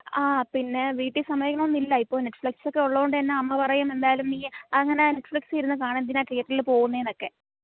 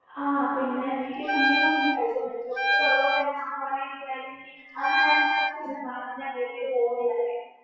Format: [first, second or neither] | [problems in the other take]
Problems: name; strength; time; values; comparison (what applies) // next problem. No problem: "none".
first | noise reduction (classical method WPE with log-MMSE)